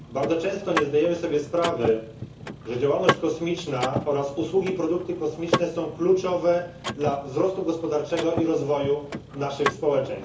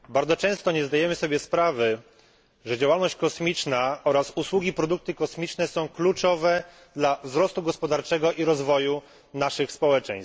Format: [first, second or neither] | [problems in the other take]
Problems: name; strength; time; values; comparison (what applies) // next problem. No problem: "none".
second | background sound (Mechanisms / Car); 7 dB below the speech // room echo; dies away in 0.7 s